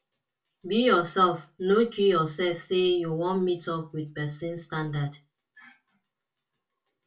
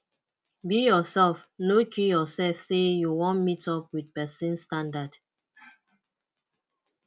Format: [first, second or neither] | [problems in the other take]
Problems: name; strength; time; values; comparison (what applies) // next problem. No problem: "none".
second | room echo; dies away in 0.2 s